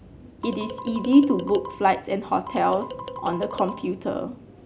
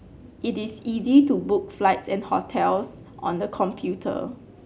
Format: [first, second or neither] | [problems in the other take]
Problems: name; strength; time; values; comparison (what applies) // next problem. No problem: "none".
second | background sound (Marimba, xylophone); 13 dB below the speech